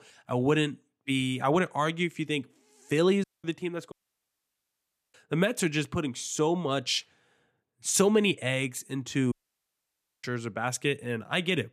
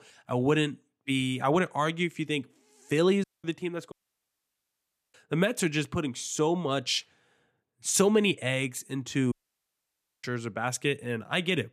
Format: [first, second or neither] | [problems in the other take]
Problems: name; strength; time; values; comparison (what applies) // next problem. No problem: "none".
neither | audio cutting out; at 3 s, at 4 s for 1 s and at 9.5 s for 1 s; the same in both